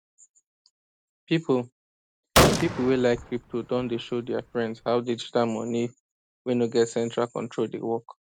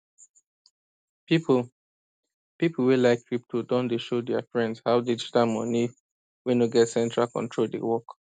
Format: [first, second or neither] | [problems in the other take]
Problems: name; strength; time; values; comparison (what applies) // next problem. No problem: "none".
second | background sound (Gunshot, gunfire); 1 dB above the speech